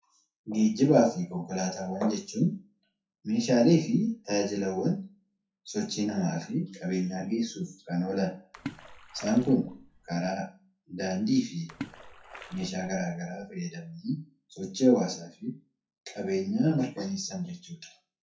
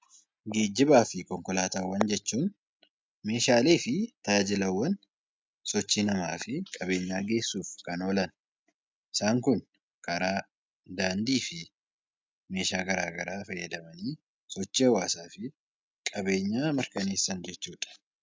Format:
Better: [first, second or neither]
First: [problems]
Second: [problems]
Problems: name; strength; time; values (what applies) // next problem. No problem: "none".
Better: second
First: noise reduction (classical method WPE with log-MMSE)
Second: none